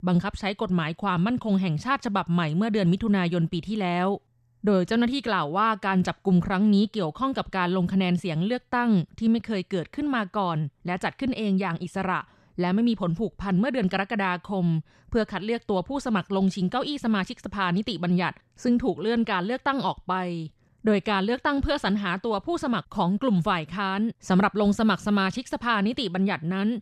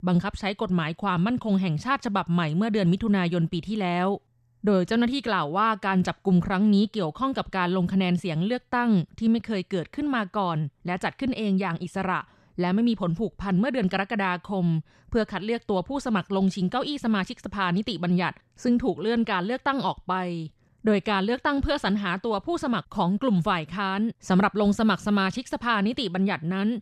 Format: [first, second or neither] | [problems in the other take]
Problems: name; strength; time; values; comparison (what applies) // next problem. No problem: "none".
neither | none